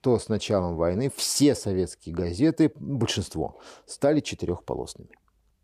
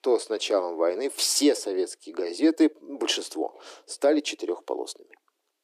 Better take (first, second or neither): first